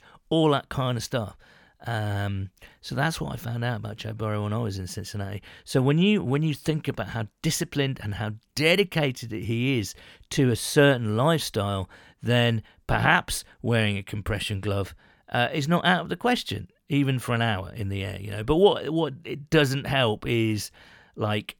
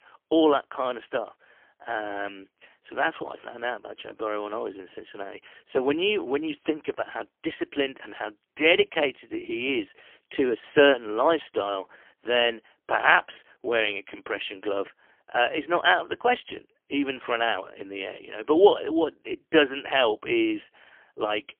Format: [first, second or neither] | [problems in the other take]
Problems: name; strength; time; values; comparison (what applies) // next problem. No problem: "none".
first | phone-call audio; poor line; nothing above 3 kHz